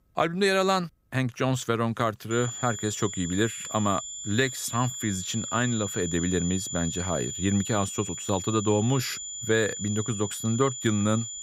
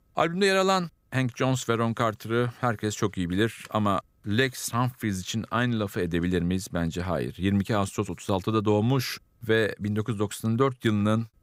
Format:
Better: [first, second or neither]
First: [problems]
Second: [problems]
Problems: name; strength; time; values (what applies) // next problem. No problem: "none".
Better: second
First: high-pitched whine; loud; from 2.5 s on; 7 kHz, 6 dB below the speech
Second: none